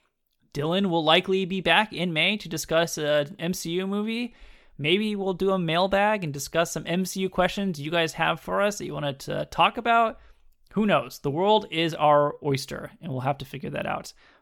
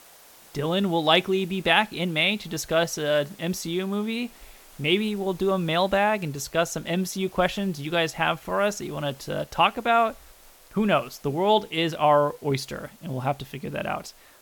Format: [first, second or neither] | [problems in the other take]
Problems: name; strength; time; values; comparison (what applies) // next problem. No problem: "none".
first | hiss; faint; throughout; 25 dB below the speech